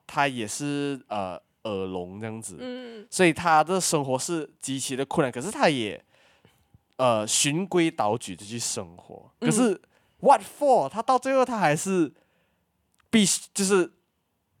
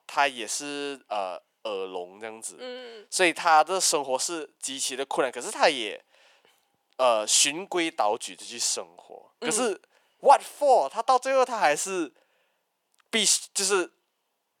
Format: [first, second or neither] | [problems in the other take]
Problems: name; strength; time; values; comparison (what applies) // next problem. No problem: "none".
first | thin; somewhat; fading below 500 Hz